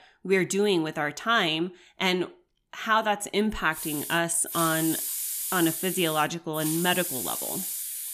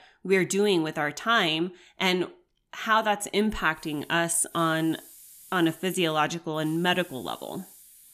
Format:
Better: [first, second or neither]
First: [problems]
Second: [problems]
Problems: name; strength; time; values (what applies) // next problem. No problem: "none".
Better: second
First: hiss; loud; from 4 s on; 4 dB below the speech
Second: hiss; faint; from 4 s on; 20 dB below the speech